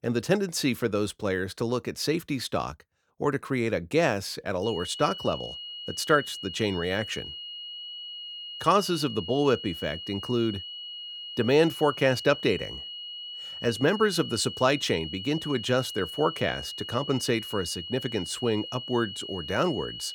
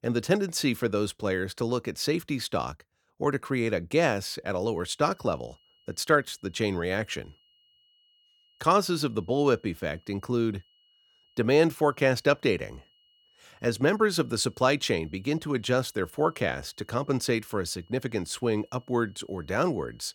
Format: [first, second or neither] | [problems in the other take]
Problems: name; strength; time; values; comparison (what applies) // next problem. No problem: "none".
second | high-pitched whine; loud; from 4.5 s on; 3 kHz, 9 dB below the speech; faint in the second